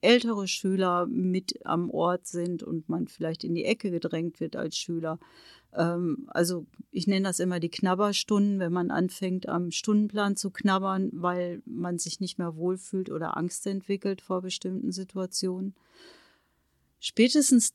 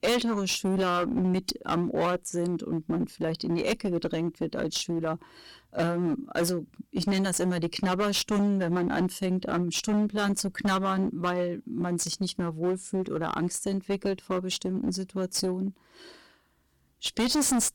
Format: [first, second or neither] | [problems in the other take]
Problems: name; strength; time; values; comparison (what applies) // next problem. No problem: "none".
first | distortion; heavy; 14% of the sound clipped